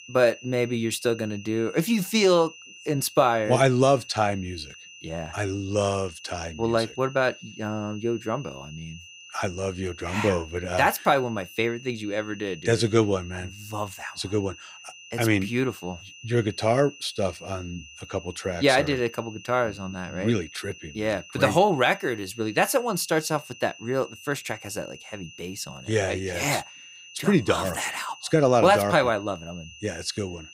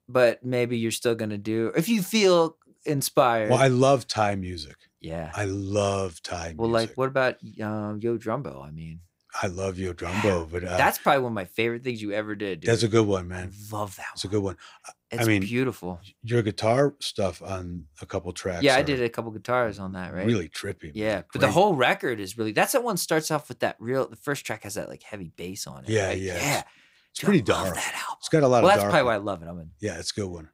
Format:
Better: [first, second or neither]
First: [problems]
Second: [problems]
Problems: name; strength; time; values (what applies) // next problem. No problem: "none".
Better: second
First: high-pitched whine; noticeable; throughout; 3 kHz, 20 dB below the speech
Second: none